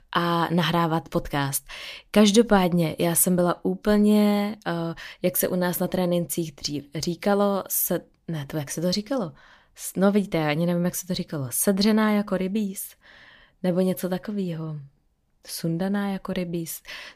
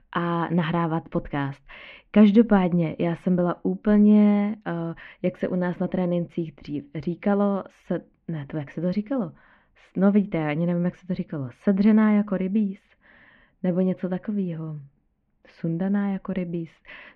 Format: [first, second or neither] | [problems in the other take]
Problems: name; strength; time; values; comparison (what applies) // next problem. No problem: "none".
first | muffled; very; fading above 2.5 kHz